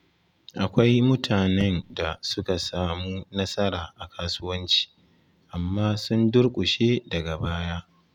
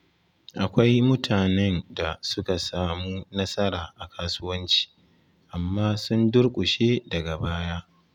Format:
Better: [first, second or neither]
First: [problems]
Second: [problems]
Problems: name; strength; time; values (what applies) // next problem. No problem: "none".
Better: second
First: background sound (Thump, thud); 12 dB below the speech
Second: none